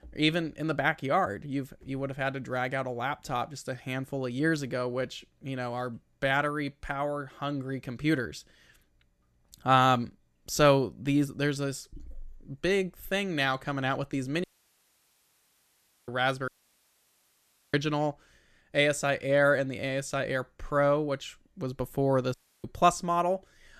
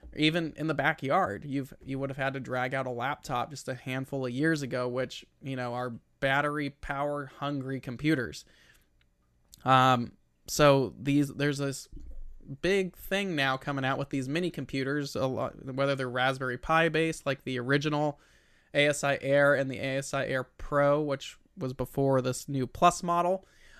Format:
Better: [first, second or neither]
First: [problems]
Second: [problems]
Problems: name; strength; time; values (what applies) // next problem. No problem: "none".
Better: second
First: audio cutting out; at 14 s for 1.5 s, at 16 s for 1.5 s and at 22 s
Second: none